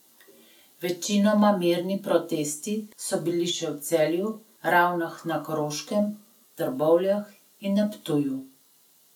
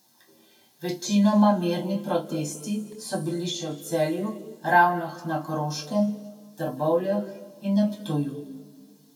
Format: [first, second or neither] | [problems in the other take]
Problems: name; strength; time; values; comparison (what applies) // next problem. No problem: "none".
first | room echo; dies away in 1.6 s